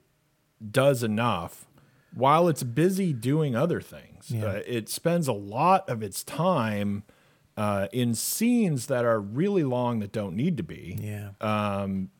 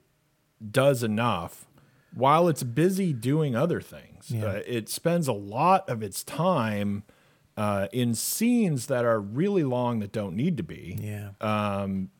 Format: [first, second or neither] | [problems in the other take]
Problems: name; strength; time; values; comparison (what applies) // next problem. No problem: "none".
neither | none